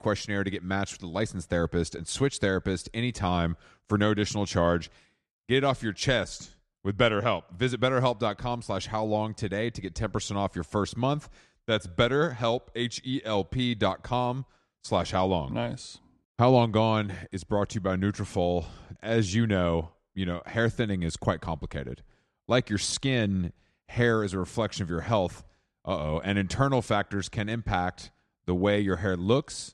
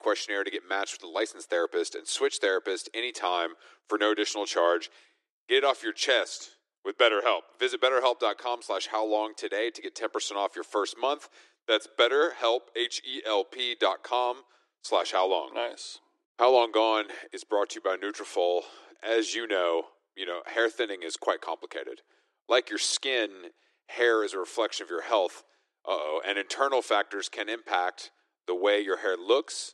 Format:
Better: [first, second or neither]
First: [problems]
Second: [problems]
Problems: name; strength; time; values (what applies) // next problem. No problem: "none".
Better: first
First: none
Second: thin; very; fading below 300 Hz